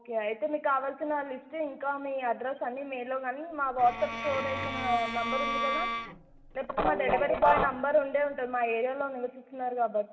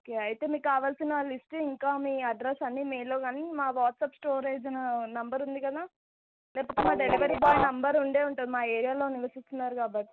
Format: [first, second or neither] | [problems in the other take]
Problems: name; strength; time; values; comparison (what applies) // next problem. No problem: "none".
second | background sound (Bowed string instrument); 4 dB below the speech // room echo; dies away in 2.9 s